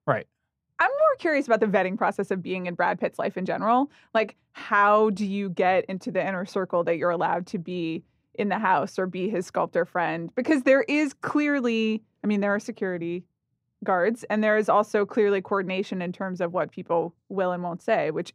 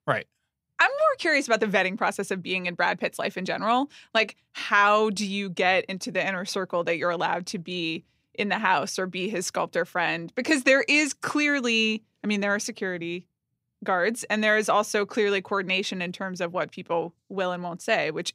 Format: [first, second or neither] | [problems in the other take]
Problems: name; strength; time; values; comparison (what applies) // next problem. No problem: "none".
second | muffled; slightly; fading above 2 kHz